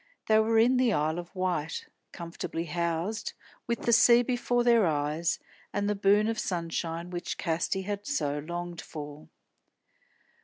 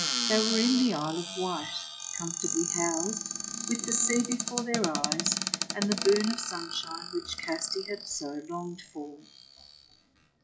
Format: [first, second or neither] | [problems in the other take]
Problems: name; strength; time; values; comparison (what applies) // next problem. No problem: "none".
first | noise reduction (classical method WPE with log-MMSE)